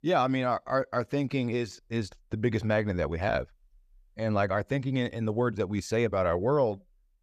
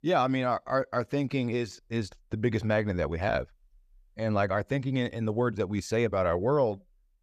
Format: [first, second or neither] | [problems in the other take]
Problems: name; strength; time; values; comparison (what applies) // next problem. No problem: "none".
neither | none